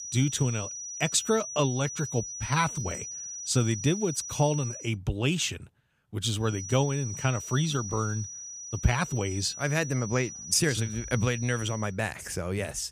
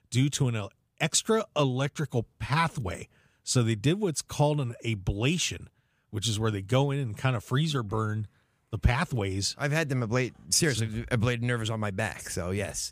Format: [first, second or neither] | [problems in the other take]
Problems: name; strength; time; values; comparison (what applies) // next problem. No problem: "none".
second | high-pitched whine; loud; until 5 s and from 6.5 to 12 s; 6 kHz, 8 dB below the speech